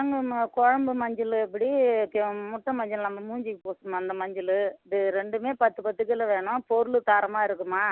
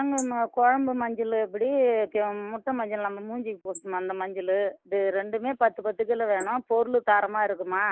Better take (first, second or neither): first